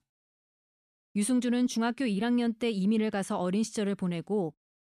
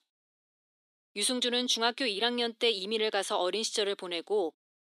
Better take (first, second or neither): first